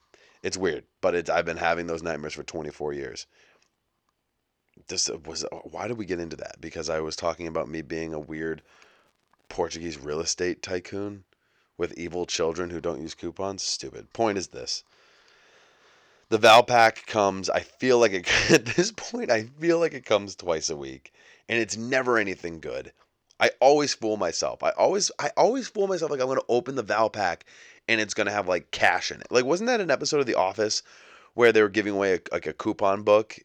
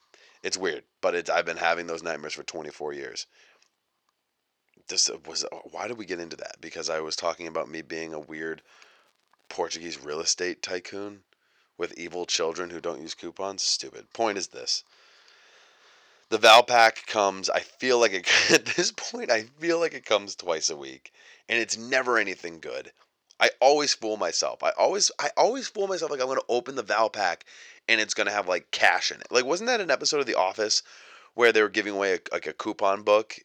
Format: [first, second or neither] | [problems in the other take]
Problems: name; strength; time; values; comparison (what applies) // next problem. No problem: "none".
first | thin; very slightly; fading below 1 kHz